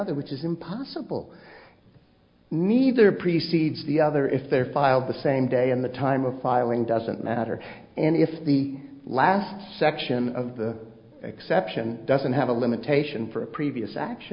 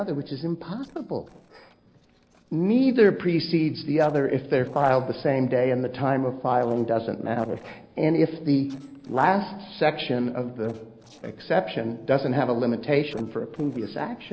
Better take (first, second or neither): first